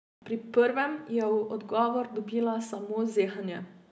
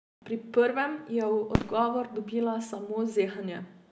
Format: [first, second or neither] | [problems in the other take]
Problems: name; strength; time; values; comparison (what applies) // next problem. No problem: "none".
first | background sound (Fireworks); 8 dB below the speech